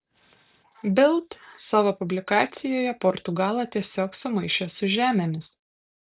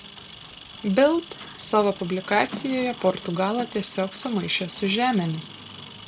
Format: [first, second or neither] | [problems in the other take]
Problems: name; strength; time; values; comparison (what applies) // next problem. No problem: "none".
first | background sound (Engine); 15 dB below the speech